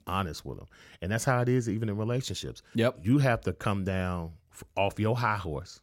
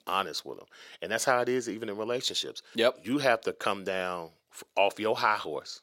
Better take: first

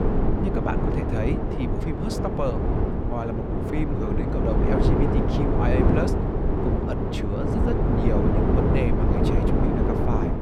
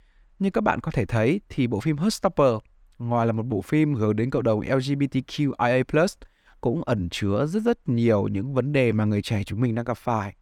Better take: second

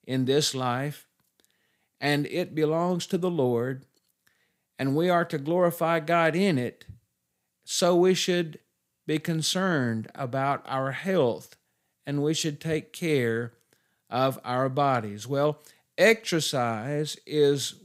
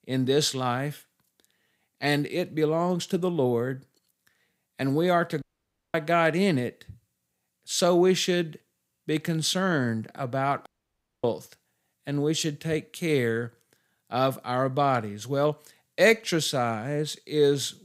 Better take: first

